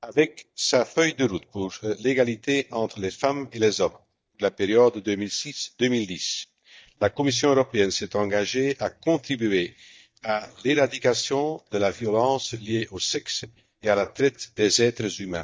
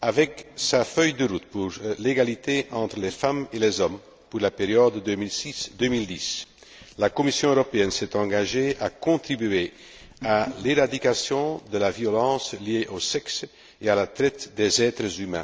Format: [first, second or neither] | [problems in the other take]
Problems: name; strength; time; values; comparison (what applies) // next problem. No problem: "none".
second | noise reduction (neural mask model DeepFilterNet 3)